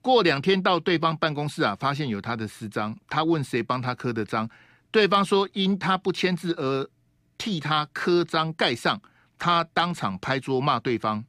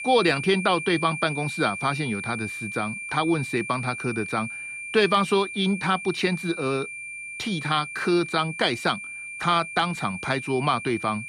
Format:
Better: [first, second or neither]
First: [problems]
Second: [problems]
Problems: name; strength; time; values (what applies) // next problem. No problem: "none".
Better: first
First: none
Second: high-pitched whine; loud; throughout; 2.5 kHz, 8 dB below the speech